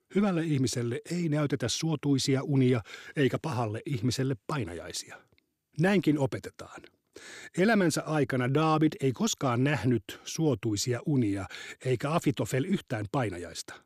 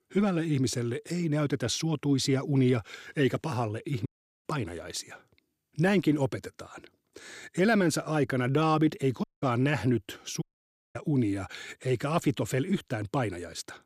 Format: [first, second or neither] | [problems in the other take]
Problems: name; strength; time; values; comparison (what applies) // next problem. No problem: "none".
first | audio cutting out; at 4 s, at 9 s and at 10 s for 0.5 s